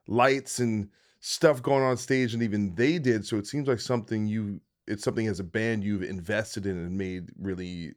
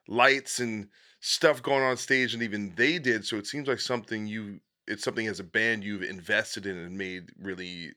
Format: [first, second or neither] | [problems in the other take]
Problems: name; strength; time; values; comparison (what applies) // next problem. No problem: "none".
first | thin; somewhat; fading below 700 Hz